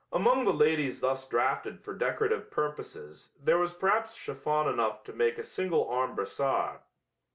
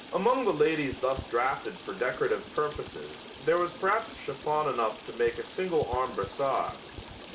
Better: first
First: none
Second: background sound (Stream); 14 dB below the speech

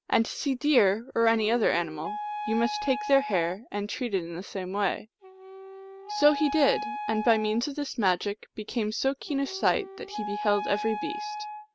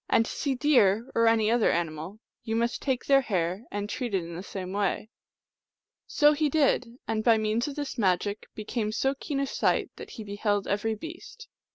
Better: second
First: background sound (Wind instrument, woodwind instrument); 10 dB below the speech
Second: none

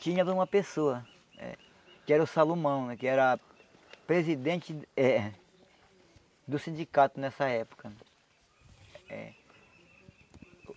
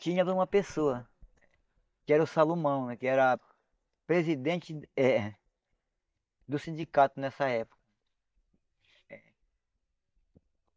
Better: first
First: none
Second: noise reduction (neural mask model DeepFilterNet 3)

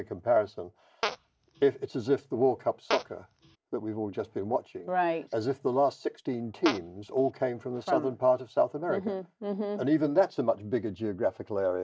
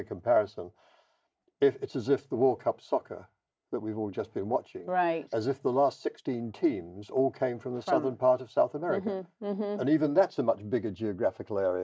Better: second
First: background sound (Fart); 9 dB below the speech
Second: none

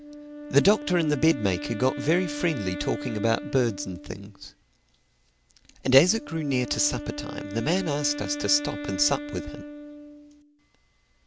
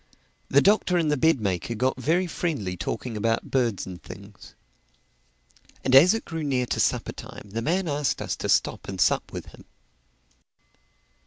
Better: second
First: background sound (Wind instrument, woodwind instrument); 10 dB below the speech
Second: none

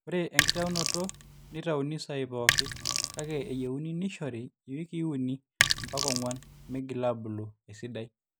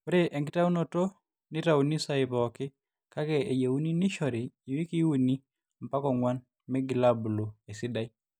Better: second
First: background sound (Sink (filling or washing)); 4 dB above the speech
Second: none

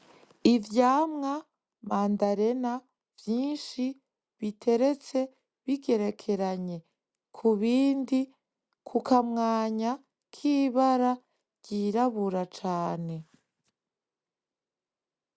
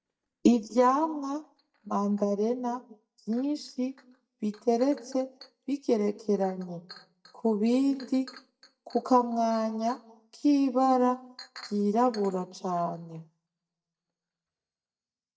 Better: first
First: none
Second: noise reduction (neural mask model DeepFilterNet 3)

